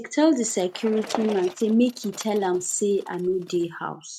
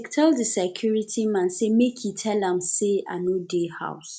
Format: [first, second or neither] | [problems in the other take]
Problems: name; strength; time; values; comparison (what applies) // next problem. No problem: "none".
second | noise reduction (neural mask model RNNoise)